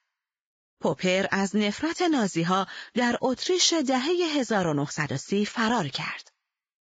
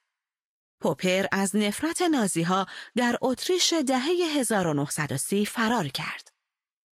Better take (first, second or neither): second